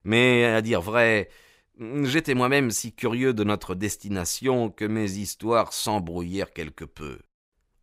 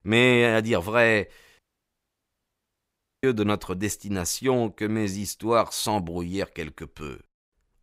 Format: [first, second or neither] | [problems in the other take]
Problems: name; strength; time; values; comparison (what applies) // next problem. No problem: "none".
first | audio cutting out; at 1.5 s for 1.5 s